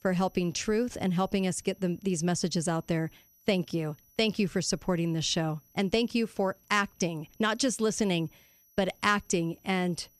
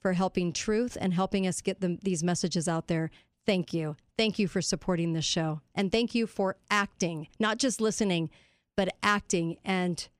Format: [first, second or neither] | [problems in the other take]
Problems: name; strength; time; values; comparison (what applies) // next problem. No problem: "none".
second | high-pitched whine; faint; throughout; 11.5 kHz, 30 dB below the speech